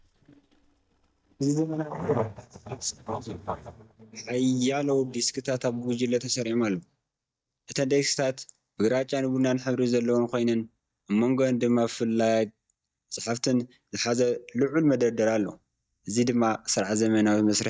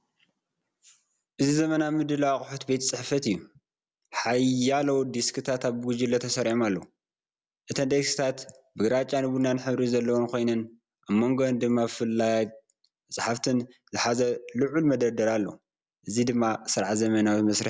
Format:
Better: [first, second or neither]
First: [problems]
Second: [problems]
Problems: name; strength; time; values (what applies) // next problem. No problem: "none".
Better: second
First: noise reduction (neural mask model DeepFilterNet 3)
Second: none